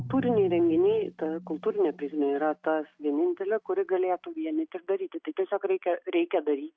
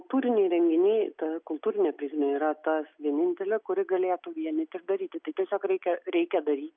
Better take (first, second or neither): second